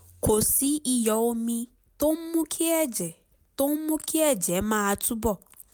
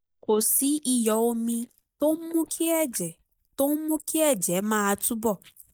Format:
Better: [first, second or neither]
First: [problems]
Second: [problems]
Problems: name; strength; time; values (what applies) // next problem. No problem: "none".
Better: first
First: none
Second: noise reduction (neural mask model DeepFilterNet 3)